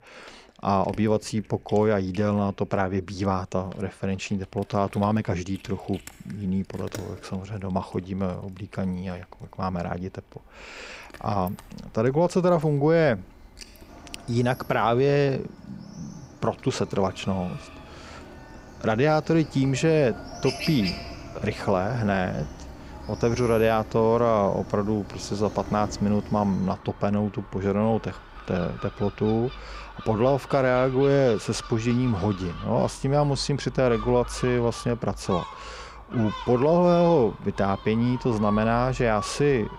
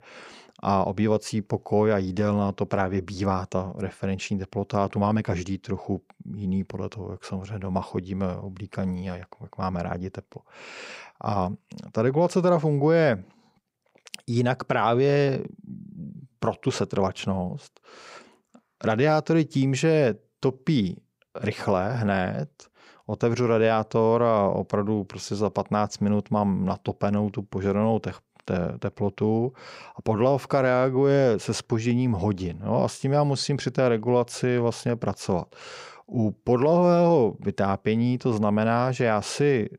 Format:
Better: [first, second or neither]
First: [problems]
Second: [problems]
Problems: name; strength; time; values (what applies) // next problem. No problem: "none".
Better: second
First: animal sounds; noticeable; throughout; 15 dB below the speech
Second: none